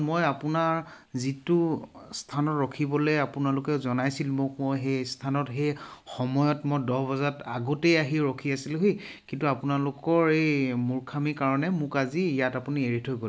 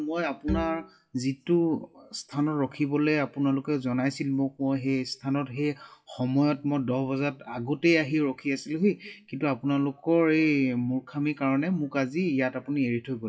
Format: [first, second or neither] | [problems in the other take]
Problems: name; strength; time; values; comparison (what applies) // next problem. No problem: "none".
first | noise reduction (classical method WPE with log-MMSE)